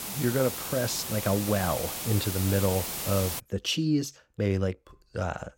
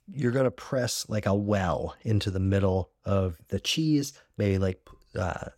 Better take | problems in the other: second | hiss; loud; until 3.5 s; 4 dB below the speech

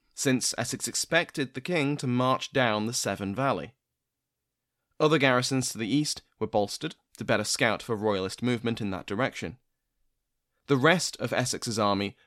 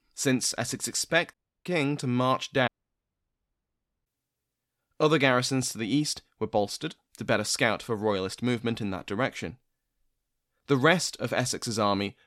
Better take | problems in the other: first | audio cutting out; at 1.5 s and at 2.5 s for 1.5 s

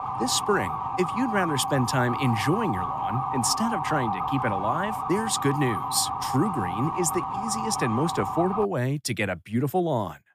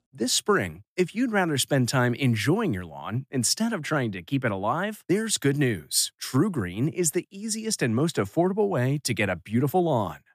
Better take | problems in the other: second | siren; noticeable; until 8.5 s; peak 1 dB below the speech

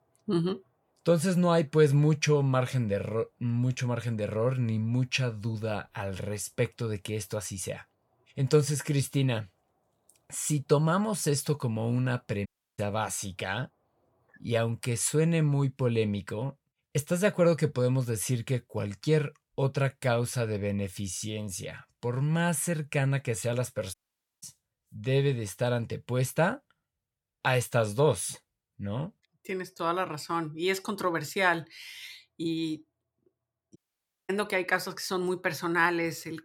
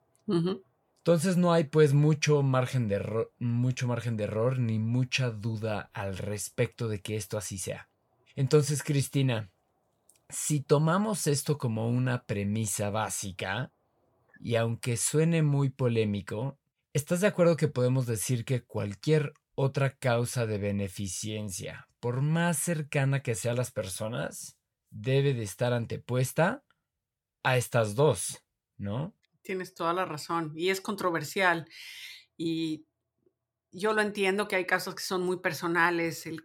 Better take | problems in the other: second | audio cutting out; at 12 s, at 24 s and at 34 s for 0.5 s

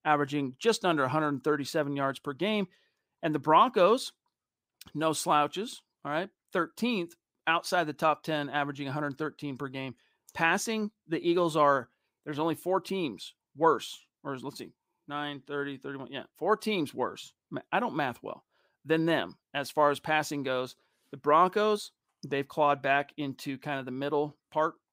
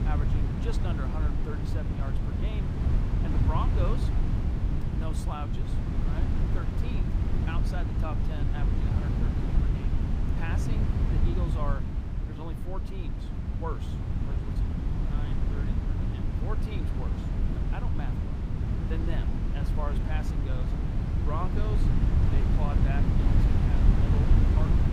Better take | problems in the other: first | wind noise on the microphone; heavy; 1 dB above the speech

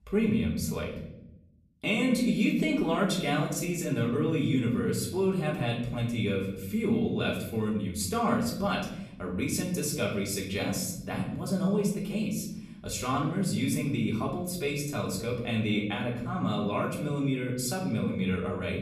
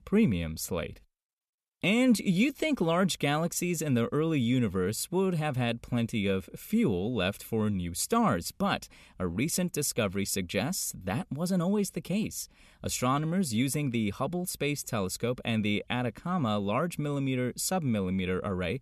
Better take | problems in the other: second | room echo; slight; dies away in 0.9 s // off-mic speech; far

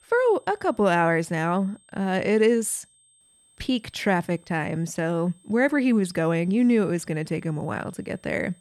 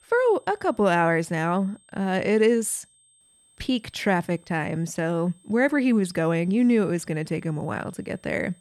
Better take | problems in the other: neither | high-pitched whine; faint; throughout; 8.5 kHz, 30 dB below the speech; the same in both

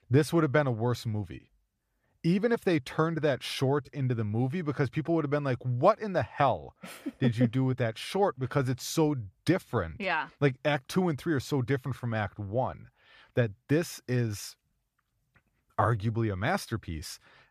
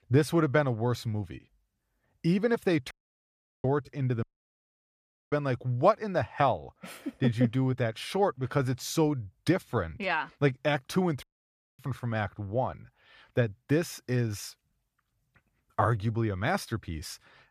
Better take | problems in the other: first | audio cutting out; at 3 s for 0.5 s, at 4 s for 1 s and at 11 s for 0.5 s

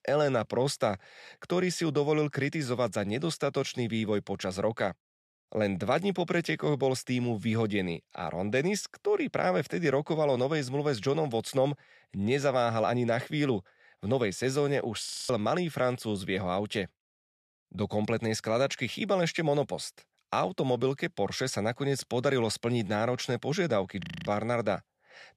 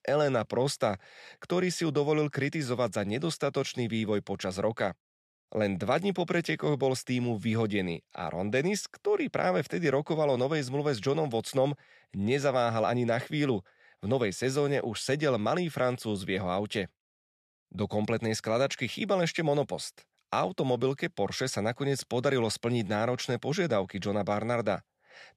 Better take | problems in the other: second | audio freezing; at 15 s and at 24 s

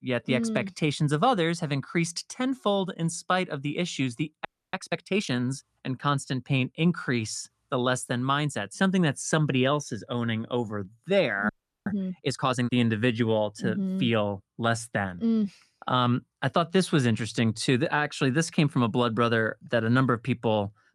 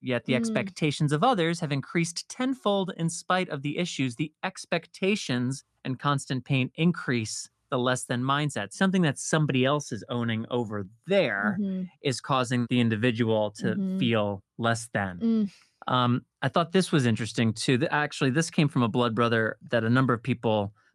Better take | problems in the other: second | audio freezing; at 4.5 s and at 11 s

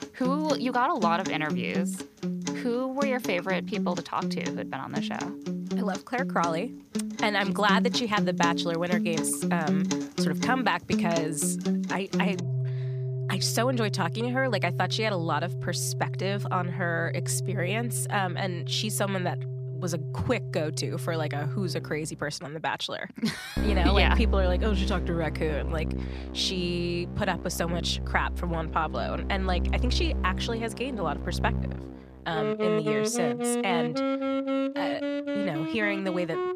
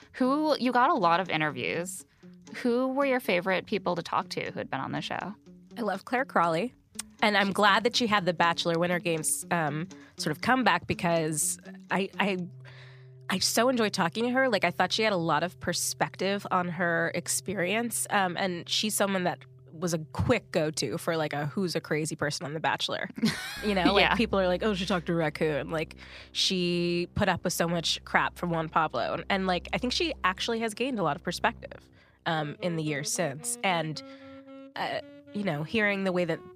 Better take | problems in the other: second | background music; loud; throughout; 2 dB below the speech; faint in the second

